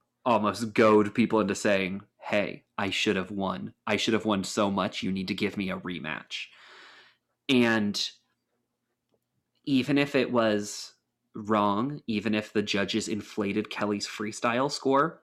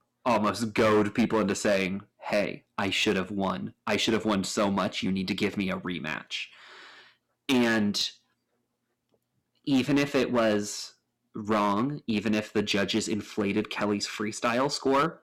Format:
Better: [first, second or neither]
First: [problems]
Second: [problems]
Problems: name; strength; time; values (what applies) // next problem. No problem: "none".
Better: first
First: none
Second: distortion; slight; 5% of the sound clipped